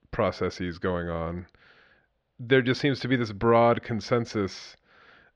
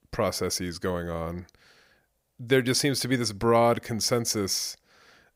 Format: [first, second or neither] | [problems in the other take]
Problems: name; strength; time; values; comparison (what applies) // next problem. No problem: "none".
second | muffled; slightly; fading above 3.5 kHz